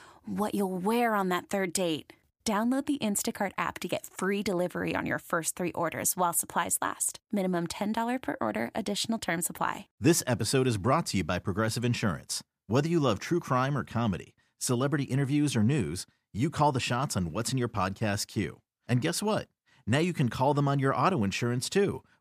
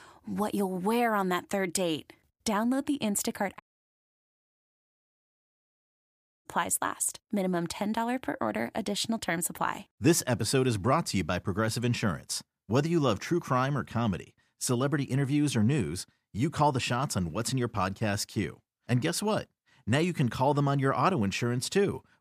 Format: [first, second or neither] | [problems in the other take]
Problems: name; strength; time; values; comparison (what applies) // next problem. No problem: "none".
first | audio cutting out; at 3.5 s for 3 s